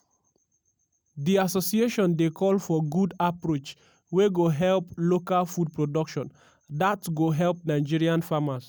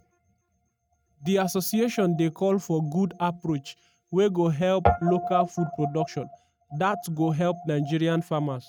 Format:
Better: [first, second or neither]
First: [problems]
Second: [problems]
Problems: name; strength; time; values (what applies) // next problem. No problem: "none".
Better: first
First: none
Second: noise reduction (neural mask model RNNoise)